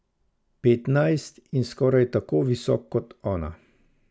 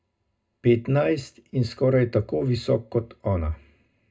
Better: first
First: none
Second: room echo; dies away in 0.2 s

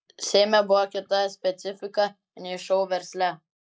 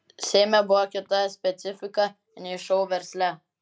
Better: second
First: noise reduction (neural mask model Resemble Enhance denoiser)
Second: none

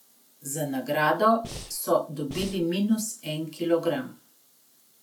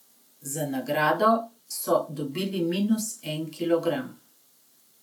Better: second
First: background sound (Breathing); 12 dB below the speech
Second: none

